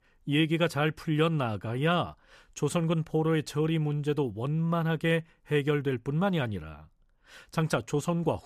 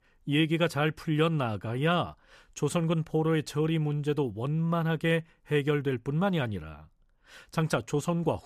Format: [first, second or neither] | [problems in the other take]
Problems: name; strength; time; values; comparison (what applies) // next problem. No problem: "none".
neither | none